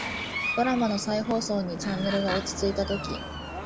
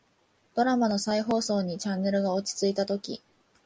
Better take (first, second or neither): second